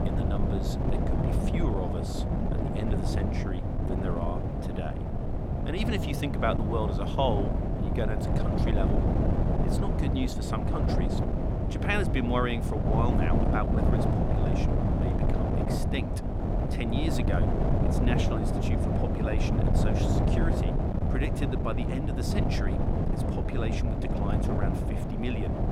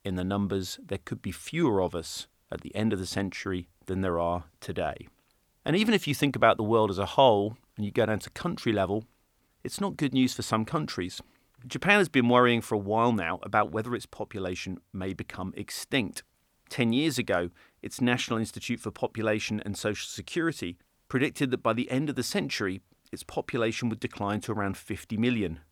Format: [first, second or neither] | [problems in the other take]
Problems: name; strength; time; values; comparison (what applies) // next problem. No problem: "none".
second | wind noise on the microphone; heavy; 1 dB above the speech